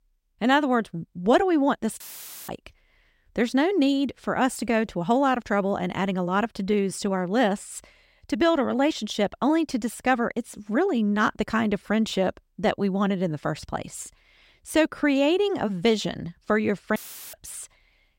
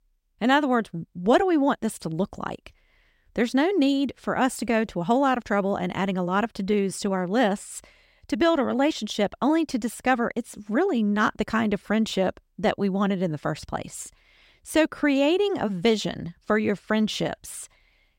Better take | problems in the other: second | audio cutting out; filled with static; at 2 s and at 17 s

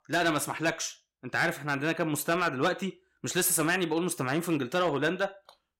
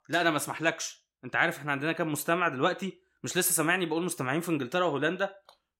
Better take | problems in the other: second | distortion; slight; 4% of the sound clipped

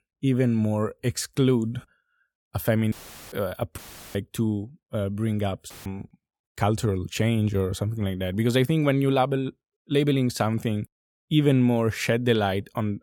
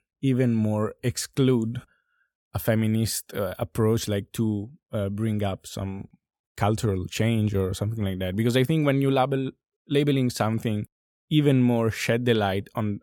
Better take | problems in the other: second | audio cutting out; filled with static; at 3 s, at 4 s and at 5.5 s

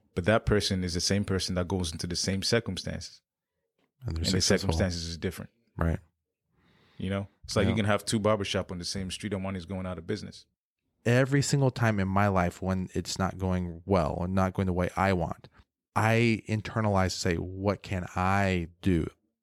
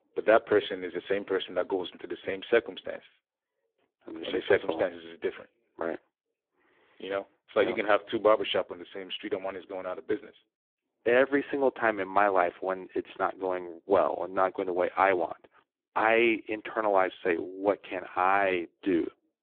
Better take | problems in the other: first | phone-call audio; poor line; nothing above 3.5 kHz

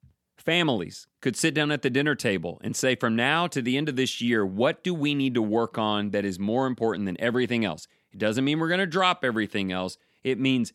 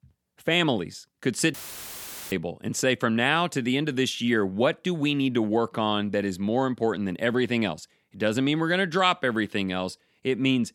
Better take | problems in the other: first | audio cutting out; filled with static; at 1.5 s for 1 s

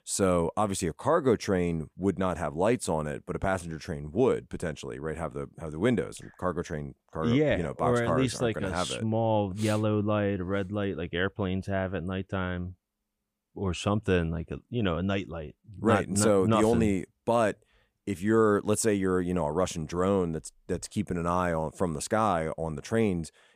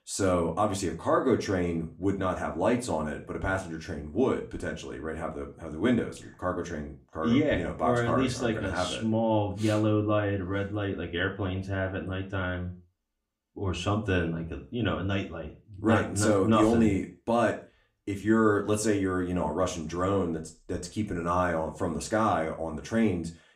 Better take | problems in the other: first | room echo; very slight; dies away in 0.3 s // off-mic speech; somewhat distant

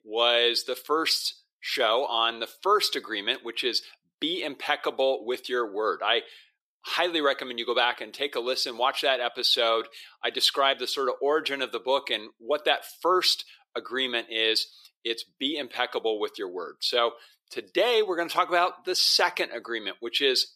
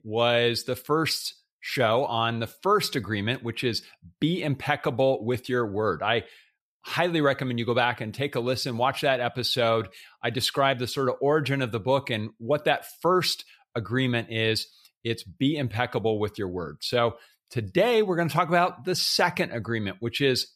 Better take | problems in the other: second | thin; somewhat; fading below 350 Hz

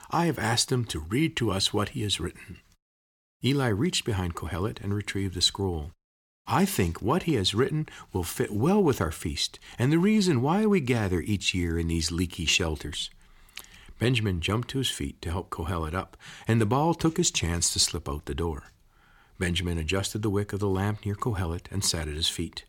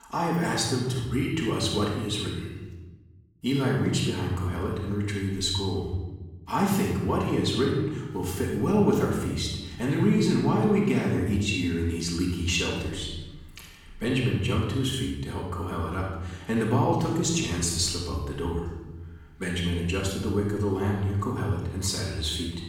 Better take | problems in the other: first | off-mic speech; far // room echo; noticeable; dies away in 1.2 s

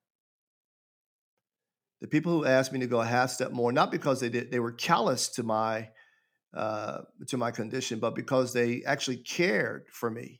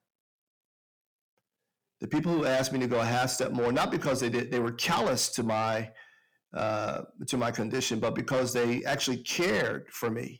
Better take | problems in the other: first | distortion; heavy; 6 dB below the speech

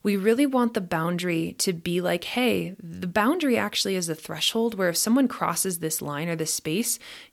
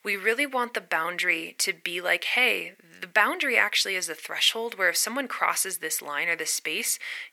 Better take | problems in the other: first | thin; very; fading below 600 Hz

